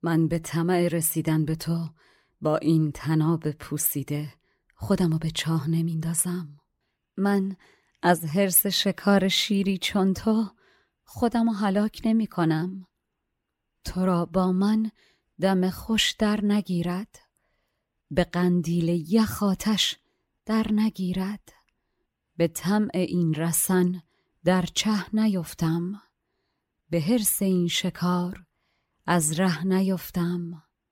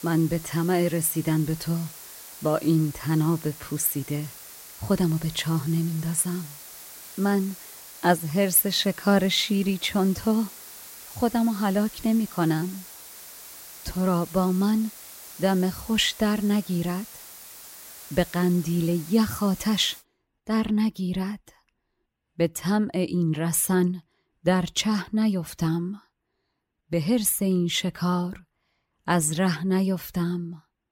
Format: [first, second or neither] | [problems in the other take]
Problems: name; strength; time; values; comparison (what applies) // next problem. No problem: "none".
first | hiss; noticeable; until 20 s; 15 dB below the speech